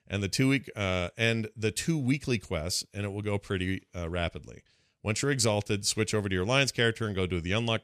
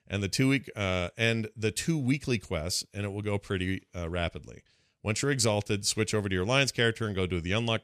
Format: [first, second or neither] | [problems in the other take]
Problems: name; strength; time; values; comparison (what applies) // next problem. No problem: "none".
neither | none